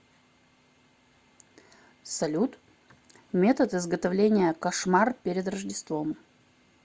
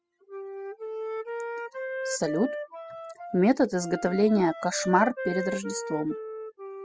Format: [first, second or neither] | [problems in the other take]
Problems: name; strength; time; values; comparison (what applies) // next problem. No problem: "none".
first | noise reduction (classical method spectral subtraction)